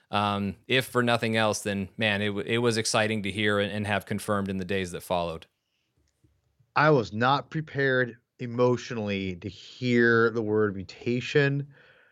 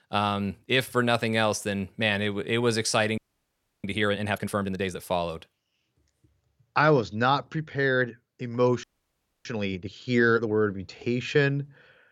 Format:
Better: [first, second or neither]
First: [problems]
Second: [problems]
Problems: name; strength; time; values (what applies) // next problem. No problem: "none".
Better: first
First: none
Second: audio freezing; at 3 s for 0.5 s and at 9 s for 0.5 s